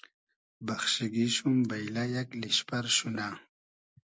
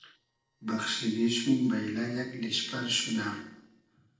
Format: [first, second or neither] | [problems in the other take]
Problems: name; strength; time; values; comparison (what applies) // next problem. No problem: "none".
first | noise reduction (neural separator model SepFormer DNS4)